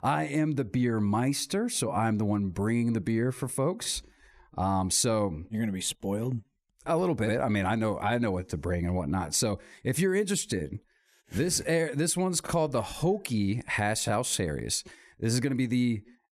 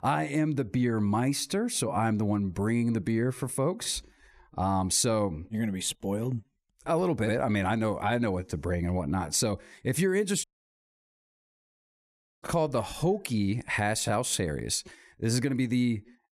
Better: first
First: none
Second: audio cutting out; at 10 s for 2 s

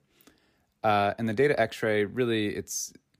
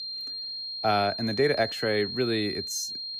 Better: first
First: none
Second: high-pitched whine; loud; throughout; 4 kHz, 5 dB below the speech

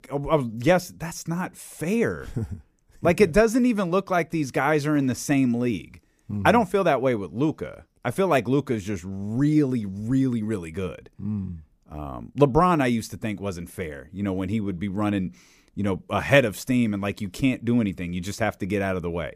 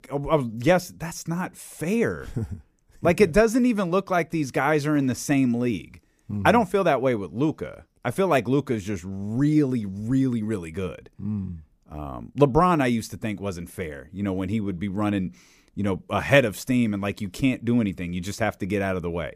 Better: neither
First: none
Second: none

